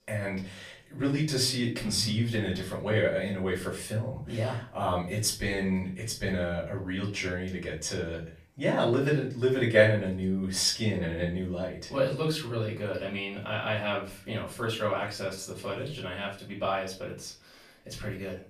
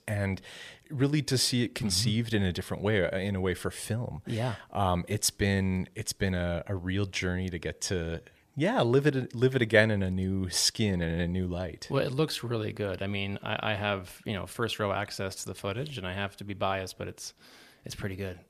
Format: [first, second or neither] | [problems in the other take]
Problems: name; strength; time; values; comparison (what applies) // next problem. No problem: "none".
second | off-mic speech; far // room echo; slight; dies away in 0.3 s